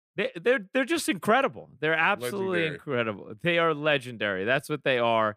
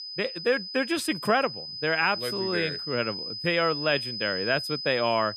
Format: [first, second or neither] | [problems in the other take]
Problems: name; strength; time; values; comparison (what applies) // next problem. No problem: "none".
first | high-pitched whine; loud; throughout; 5 kHz, 6 dB below the speech